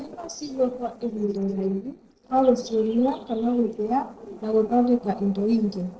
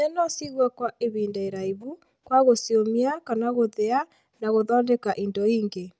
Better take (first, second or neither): second